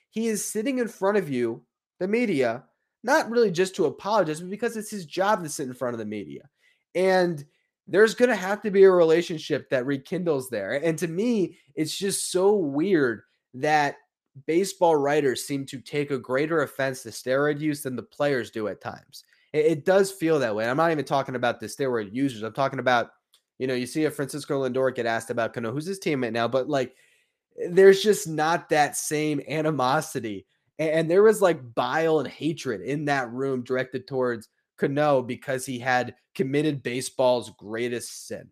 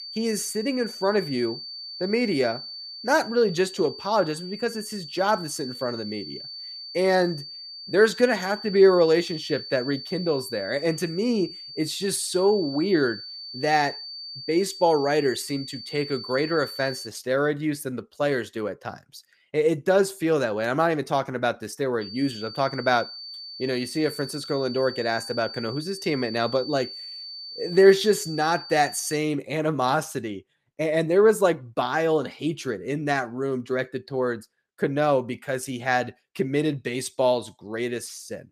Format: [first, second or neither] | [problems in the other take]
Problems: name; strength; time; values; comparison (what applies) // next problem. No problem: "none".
first | high-pitched whine; noticeable; until 17 s and from 22 to 29 s; 4.5 kHz, 10 dB below the speech